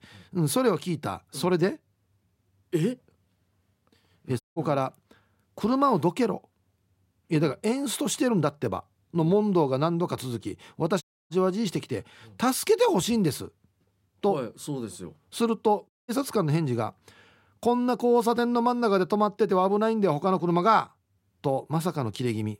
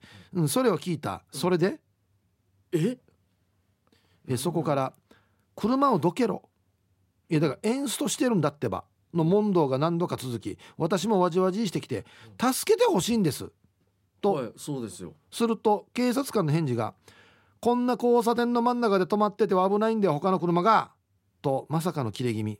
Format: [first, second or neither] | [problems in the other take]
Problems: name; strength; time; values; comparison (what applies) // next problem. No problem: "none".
second | audio cutting out; at 4.5 s, at 11 s and at 16 s